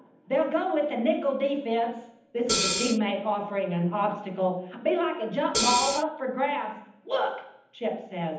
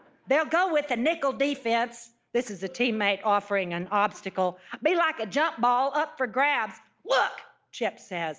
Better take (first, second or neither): second